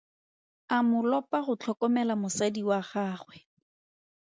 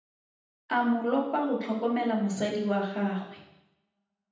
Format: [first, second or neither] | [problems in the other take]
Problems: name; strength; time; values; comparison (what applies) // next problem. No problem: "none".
first | room echo; dies away in 0.8 s